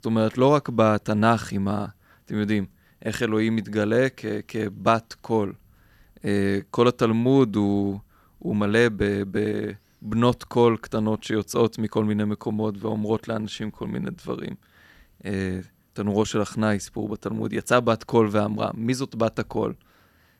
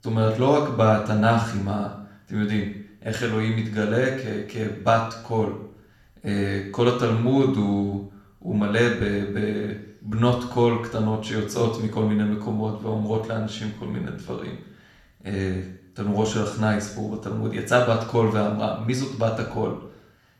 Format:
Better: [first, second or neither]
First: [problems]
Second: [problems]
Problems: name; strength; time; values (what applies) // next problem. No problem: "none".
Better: first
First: none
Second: room echo; noticeable; dies away in 0.6 s // off-mic speech; somewhat distant